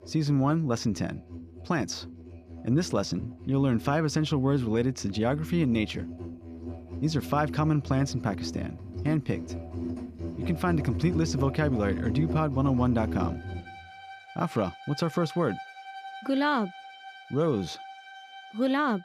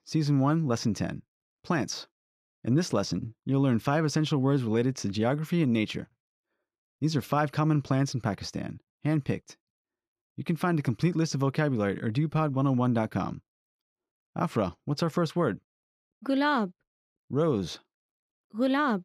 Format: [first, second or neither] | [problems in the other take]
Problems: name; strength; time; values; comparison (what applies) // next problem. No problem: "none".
second | background music; noticeable; throughout; 10 dB below the speech